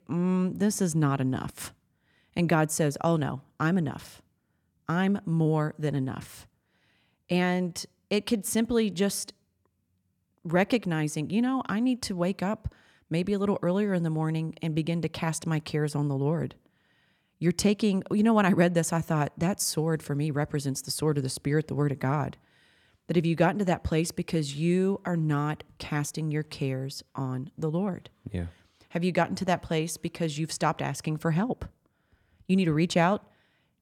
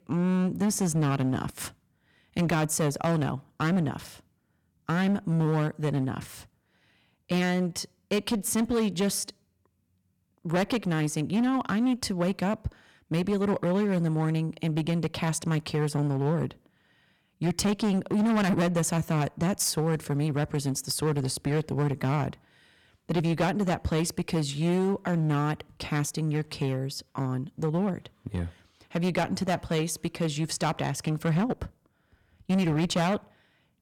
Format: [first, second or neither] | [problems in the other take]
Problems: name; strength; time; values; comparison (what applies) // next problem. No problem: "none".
first | distortion; slight; 10% of the sound clipped